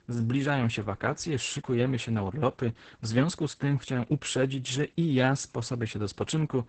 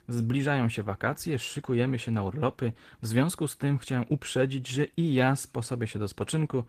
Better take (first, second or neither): second